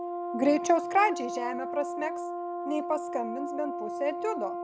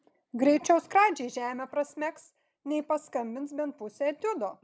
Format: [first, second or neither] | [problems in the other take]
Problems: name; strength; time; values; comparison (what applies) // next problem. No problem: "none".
second | background sound (Brass instrument); 4 dB below the speech